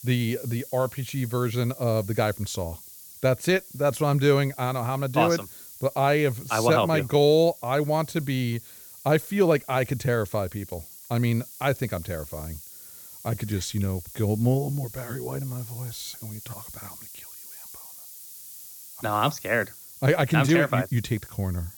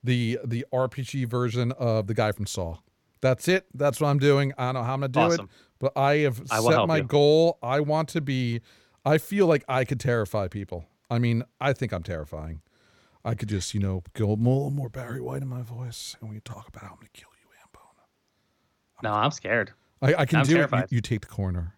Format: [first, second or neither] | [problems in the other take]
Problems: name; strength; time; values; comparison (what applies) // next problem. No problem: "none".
second | hiss; noticeable; throughout; 15 dB below the speech